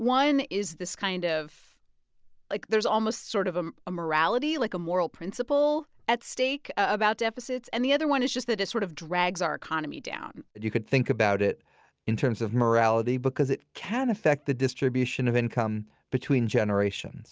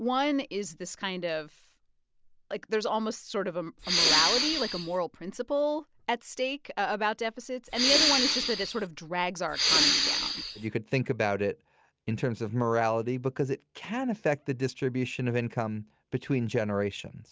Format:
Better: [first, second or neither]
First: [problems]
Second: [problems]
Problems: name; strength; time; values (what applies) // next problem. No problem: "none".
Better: first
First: none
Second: background sound (Respiratory sounds); 4 dB above the speech